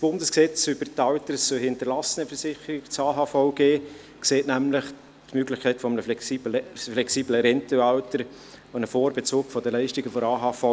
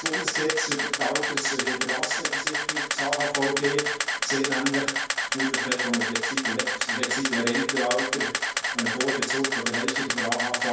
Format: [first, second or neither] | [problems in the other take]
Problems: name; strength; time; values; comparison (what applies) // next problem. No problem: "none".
first | background sound (Camera); 2 dB above the speech // room echo; dies away in 0.5 s